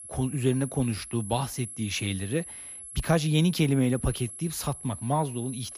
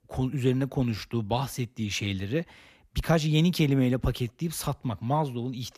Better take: second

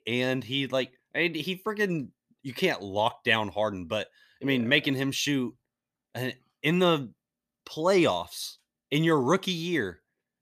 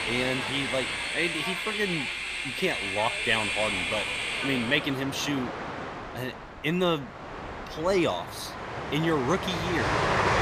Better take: first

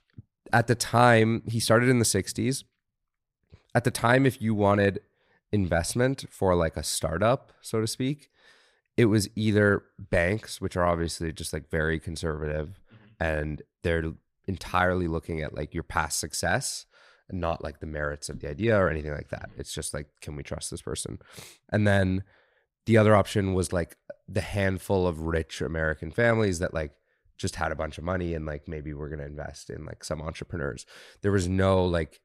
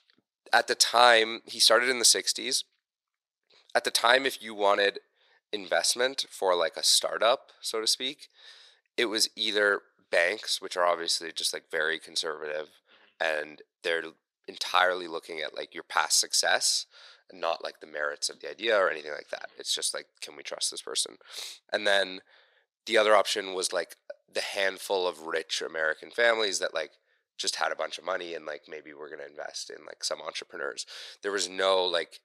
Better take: first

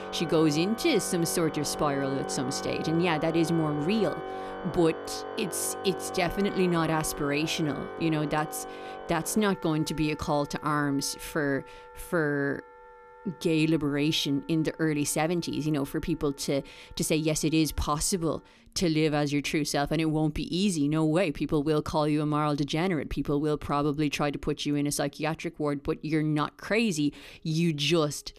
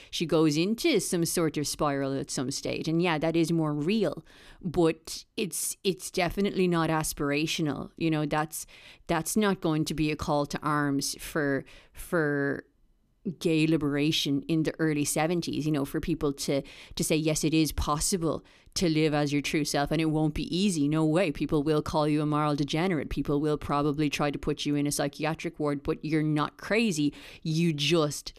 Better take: second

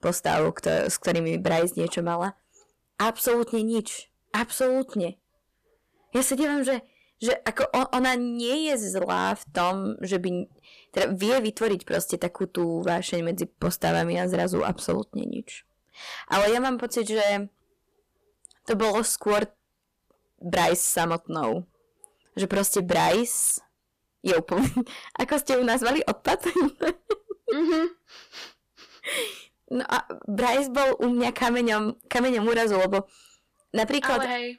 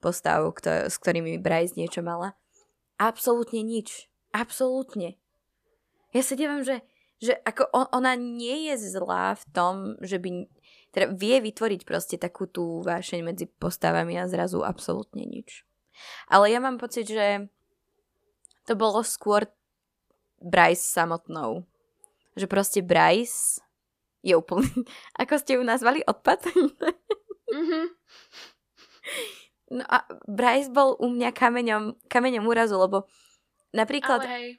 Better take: second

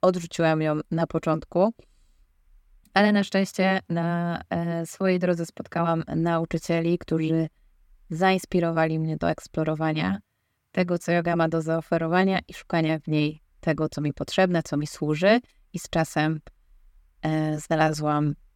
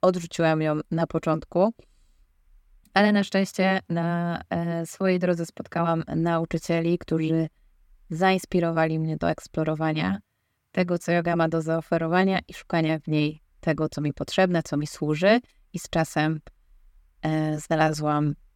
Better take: neither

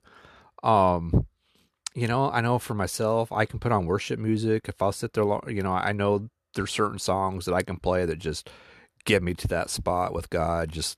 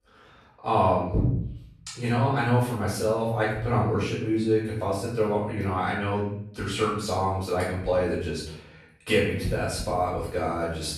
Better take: first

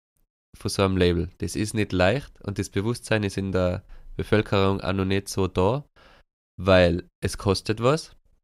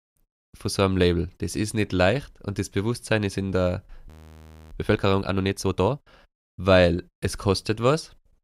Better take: first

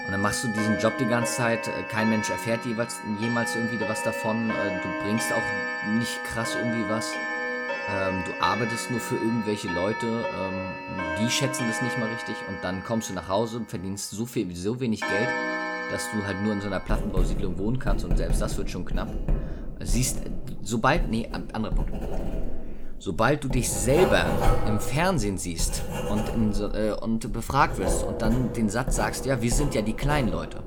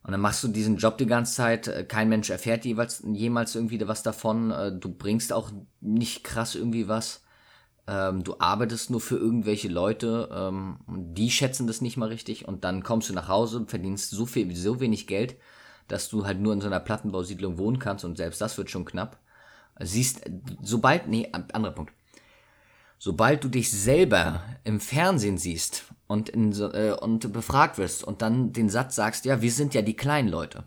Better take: second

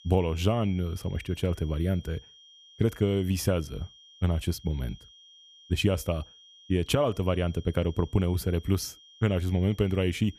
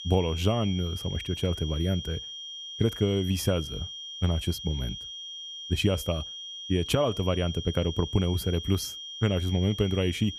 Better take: first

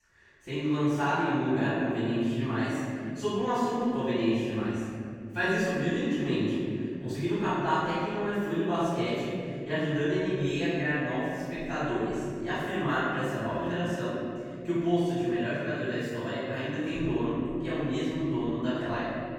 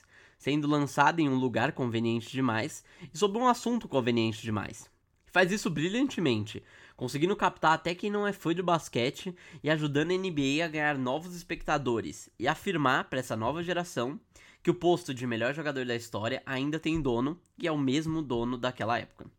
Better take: second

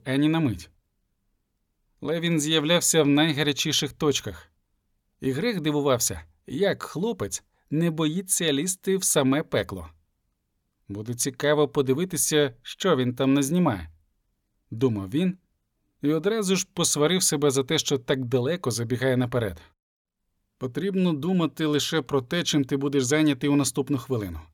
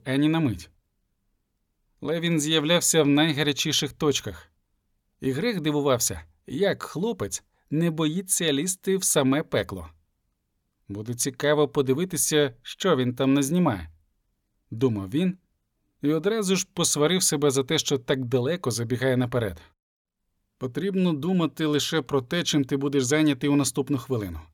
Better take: neither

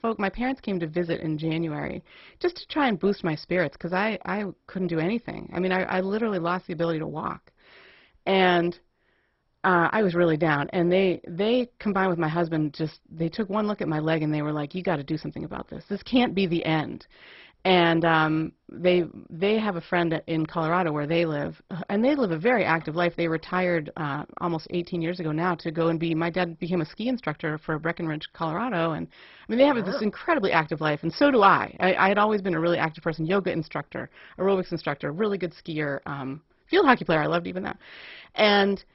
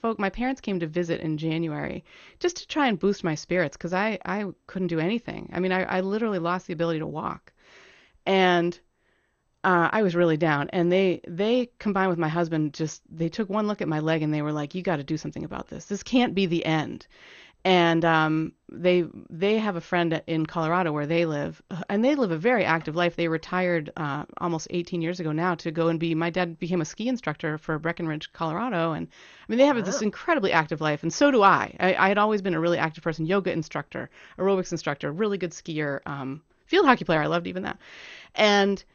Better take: second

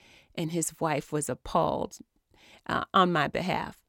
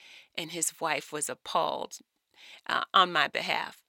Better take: first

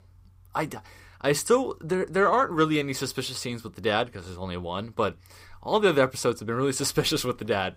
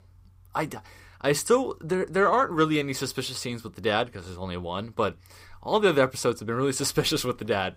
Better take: neither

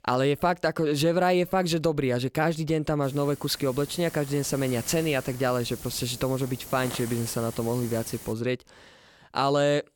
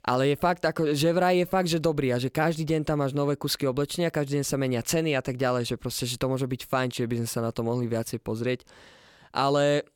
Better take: second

